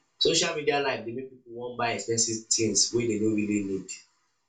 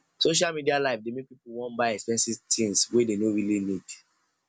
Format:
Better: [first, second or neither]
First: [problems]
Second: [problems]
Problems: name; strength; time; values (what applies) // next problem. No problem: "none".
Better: second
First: room echo; dies away in 0.2 s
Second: none